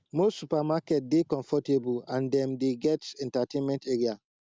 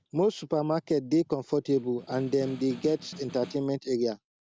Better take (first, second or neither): first